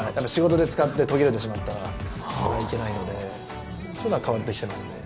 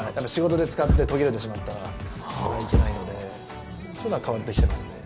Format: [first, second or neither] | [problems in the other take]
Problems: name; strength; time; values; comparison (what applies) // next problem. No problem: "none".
first | background sound (Thump, thud); as loud as the speech